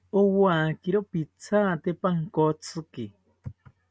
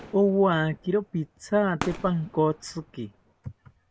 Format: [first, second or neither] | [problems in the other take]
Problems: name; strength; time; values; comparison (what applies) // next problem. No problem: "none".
first | background sound (Fireworks); 17 dB below the speech